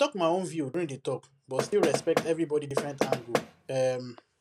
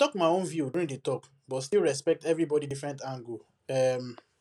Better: second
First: background sound (Knock); 1 dB below the speech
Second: none

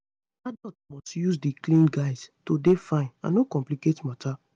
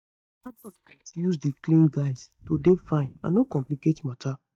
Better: first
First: none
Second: noise reduction (neural mask model DeepFilterNet 3)

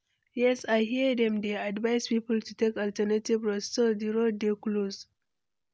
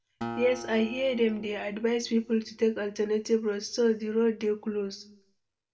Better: first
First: none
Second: background sound (Acoustic guitar); 14 dB below the speech // room echo; dies away in 0.4 s

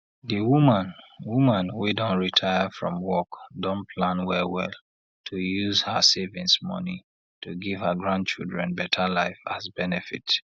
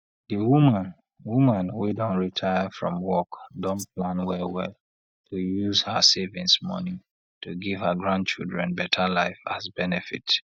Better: first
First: none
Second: noise reduction (neural mask model DeepFilterNet 3)

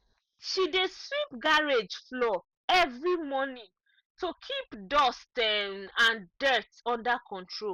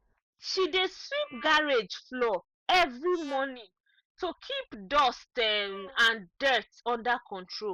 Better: first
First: none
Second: noise reduction (neural mask model Resemble Enhance denoiser)

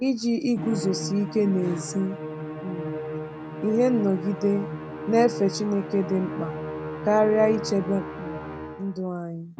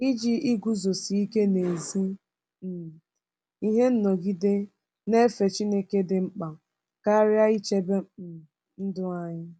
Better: second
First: background sound (Musical instrument); 8 dB below the speech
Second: none

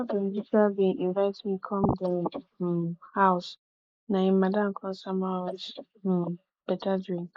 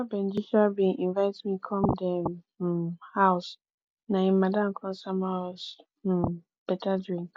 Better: second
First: noise reduction (neural mask model Resemble Enhance denoiser)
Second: none

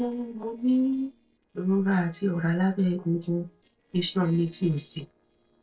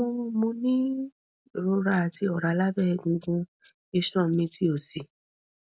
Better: second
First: noise reduction (neural separator model SepFormer DNS4)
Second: none

